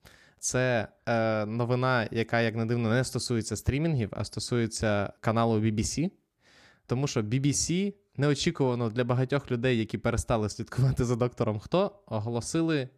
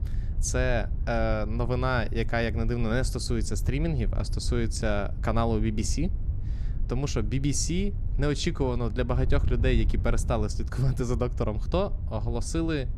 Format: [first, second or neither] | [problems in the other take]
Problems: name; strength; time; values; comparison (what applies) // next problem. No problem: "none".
first | wind noise on the microphone; occasional gusts; 20 dB below the speech